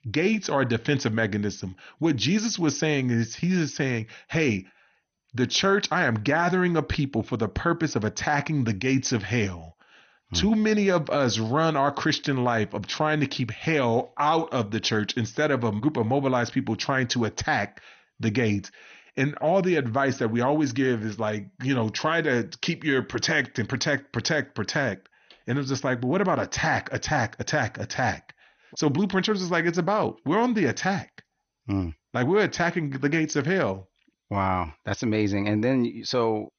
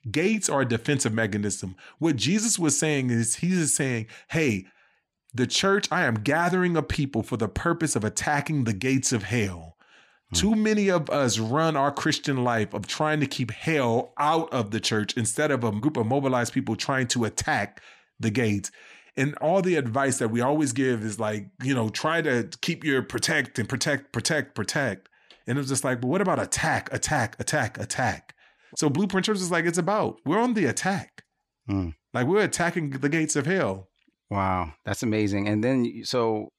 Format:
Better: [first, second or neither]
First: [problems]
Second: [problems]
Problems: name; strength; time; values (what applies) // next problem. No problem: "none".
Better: second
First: garbled, watery; slightly; nothing above 6.5 kHz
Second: none